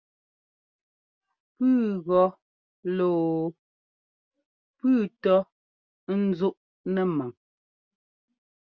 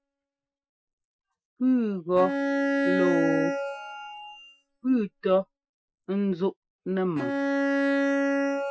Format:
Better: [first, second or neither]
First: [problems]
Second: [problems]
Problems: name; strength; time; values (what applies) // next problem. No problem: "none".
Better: first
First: none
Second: noise reduction (classical method Wiener filter)